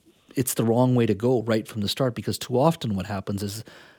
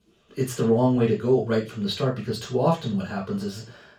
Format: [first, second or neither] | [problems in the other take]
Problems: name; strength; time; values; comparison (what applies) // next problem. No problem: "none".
first | room echo; noticeable; dies away in 0.2 s // off-mic speech; far